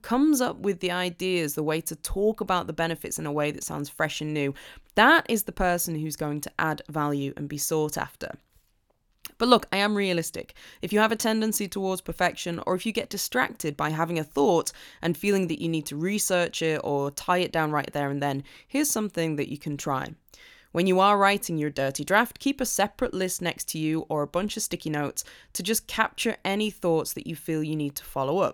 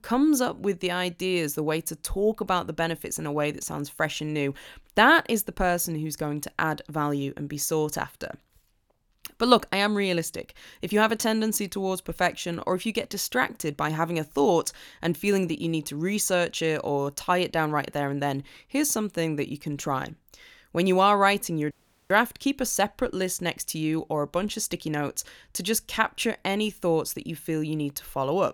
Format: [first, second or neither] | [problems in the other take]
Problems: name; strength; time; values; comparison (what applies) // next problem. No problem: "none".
first | audio cutting out; at 22 s